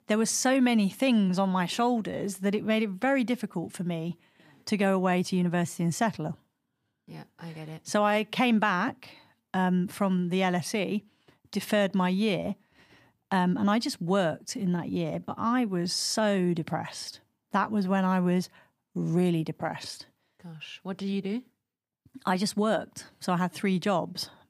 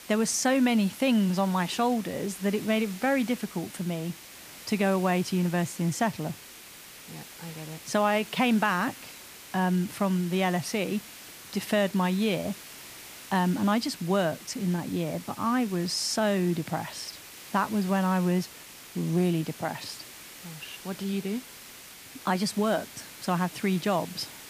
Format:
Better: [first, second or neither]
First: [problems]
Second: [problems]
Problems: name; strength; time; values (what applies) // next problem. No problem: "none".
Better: first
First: none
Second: hiss; noticeable; throughout; 15 dB below the speech